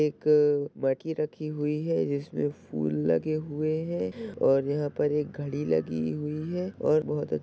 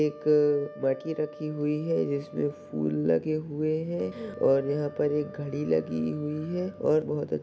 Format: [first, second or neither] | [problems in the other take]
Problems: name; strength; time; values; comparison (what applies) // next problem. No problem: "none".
first | background sound (Wind instrument, woodwind instrument); 19 dB below the speech // room echo; dies away in 2.2 s